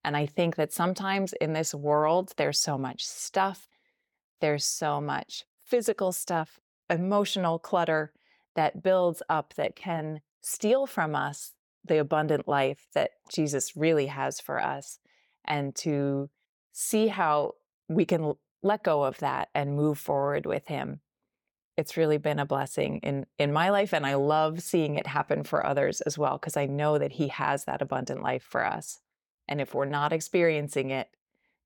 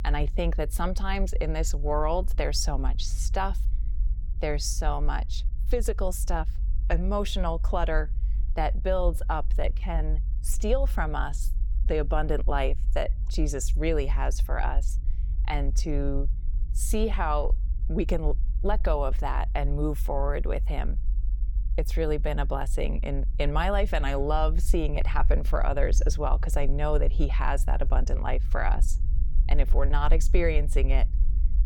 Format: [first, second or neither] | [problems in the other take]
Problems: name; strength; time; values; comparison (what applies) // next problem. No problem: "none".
first | low rumble; faint; throughout; 20 dB below the speech